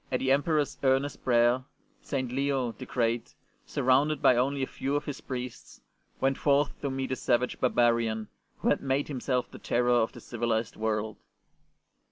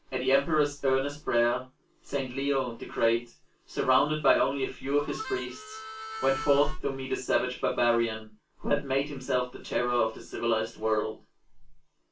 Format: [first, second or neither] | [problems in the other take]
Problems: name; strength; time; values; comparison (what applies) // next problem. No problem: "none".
first | background sound (Harmonica); 10 dB below the speech // room echo; dies away in 0.2 s